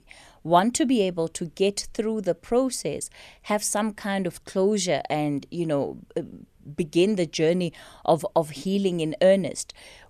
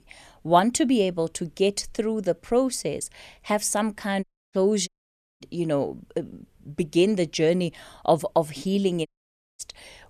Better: first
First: none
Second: audio cutting out; at 4 s, at 5 s for 0.5 s and at 9 s for 0.5 s

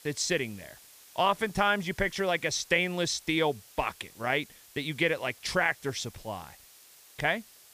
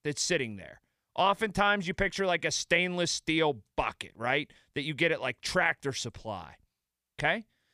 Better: second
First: hiss; faint; throughout; 20 dB below the speech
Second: none

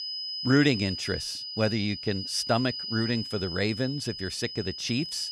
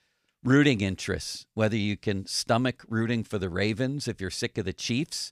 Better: second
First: high-pitched whine; loud; throughout; 5 kHz, 5 dB below the speech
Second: none

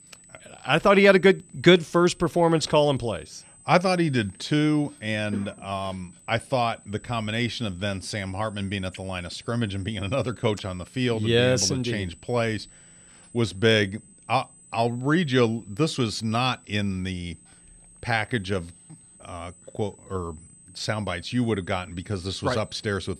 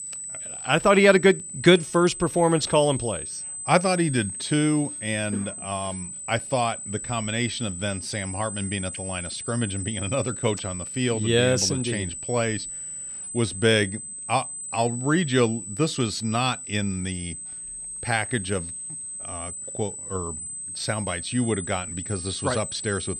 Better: first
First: high-pitched whine; faint; throughout; 8 kHz, 25 dB below the speech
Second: high-pitched whine; loud; throughout; 8 kHz, 8 dB below the speech

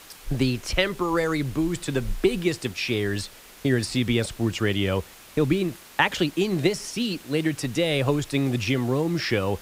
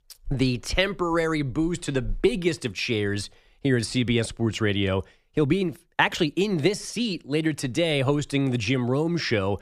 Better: second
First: hiss; faint; throughout; 20 dB below the speech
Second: none

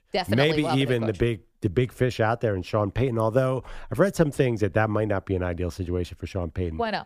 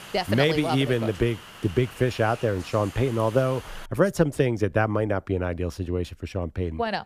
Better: first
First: none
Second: hiss; noticeable; until 4 s; 15 dB below the speech

